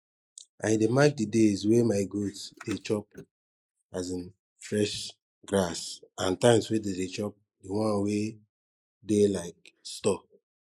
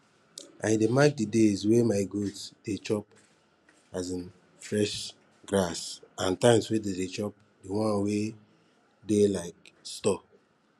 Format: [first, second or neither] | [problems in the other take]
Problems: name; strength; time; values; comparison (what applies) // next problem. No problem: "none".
second | noise reduction (neural mask model Resemble Enhance denoiser)